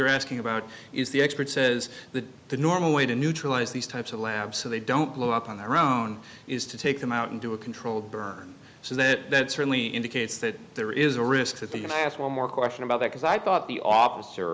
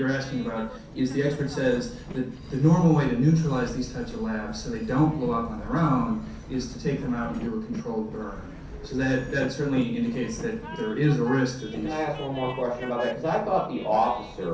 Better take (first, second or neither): first